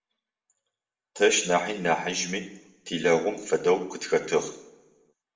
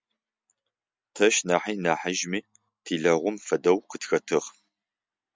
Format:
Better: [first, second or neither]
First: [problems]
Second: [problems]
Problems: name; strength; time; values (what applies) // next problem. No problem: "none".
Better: second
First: room echo; dies away in 0.7 s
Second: none